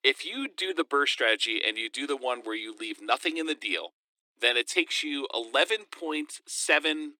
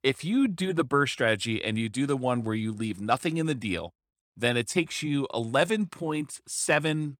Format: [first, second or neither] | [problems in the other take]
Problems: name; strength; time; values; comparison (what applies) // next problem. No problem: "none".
second | thin; somewhat; fading below 300 Hz